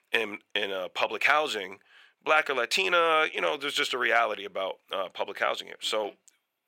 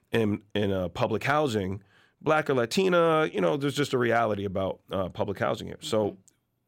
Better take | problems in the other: second | thin; very; fading below 600 Hz

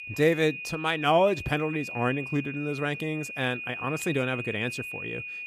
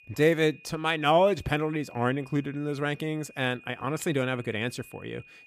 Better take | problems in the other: second | high-pitched whine; loud; throughout; 2.5 kHz, 8 dB below the speech; faint in the second

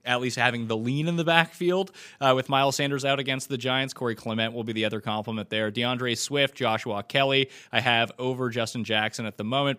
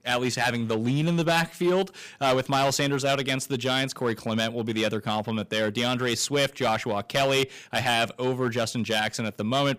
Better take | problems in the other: first | distortion; heavy; 7% of the sound clipped

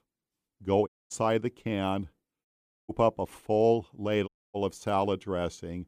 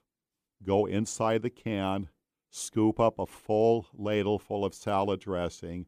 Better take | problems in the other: second | audio cutting out; at 1 s, at 2.5 s and at 4.5 s

